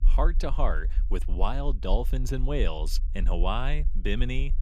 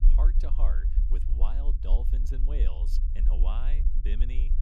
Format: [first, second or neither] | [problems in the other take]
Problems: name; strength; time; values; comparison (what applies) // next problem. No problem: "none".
first | low rumble; loud; throughout; 6 dB below the speech; faint in the first